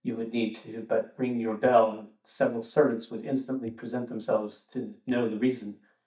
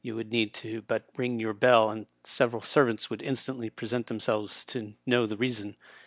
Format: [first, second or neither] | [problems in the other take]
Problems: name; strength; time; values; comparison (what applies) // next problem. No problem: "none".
second | noise reduction (neural mask model DeepFilterNet 3)